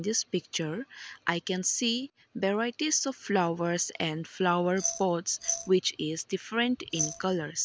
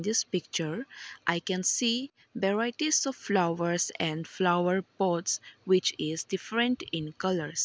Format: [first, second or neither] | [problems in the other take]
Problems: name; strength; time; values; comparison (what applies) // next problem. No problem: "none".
second | background sound (Glass); 4 dB below the speech